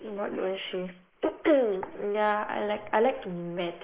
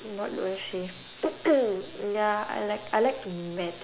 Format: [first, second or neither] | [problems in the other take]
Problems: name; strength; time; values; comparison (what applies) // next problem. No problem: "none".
second | noise reduction (neural mask model Resemble Enhance denoiser)